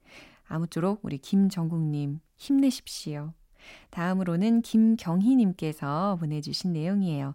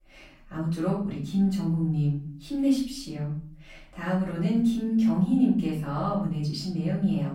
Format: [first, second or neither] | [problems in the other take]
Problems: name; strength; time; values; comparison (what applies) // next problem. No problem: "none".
first | off-mic speech; far // room echo; noticeable; dies away in 0.5 s